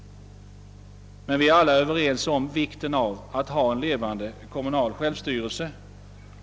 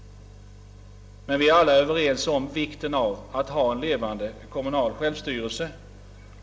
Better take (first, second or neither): first